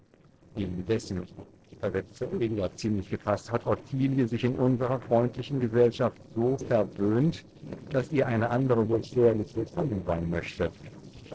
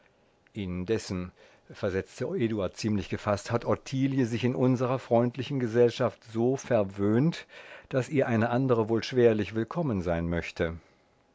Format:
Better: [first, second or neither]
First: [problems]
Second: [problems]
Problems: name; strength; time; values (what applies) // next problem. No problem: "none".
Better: second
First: noise reduction (neural separator model SepFormer DNS4)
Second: none